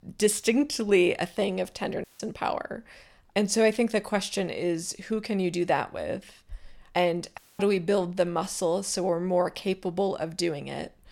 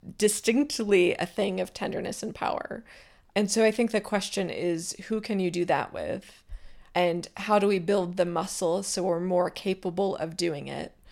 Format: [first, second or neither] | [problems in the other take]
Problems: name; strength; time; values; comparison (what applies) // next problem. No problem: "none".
second | audio cutting out; at 2 s and at 7.5 s